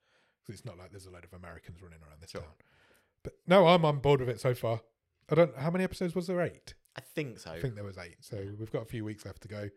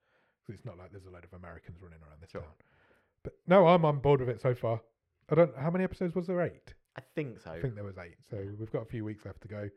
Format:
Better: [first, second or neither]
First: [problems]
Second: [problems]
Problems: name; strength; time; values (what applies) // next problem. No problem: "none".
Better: first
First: none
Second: muffled; slightly; fading above 3 kHz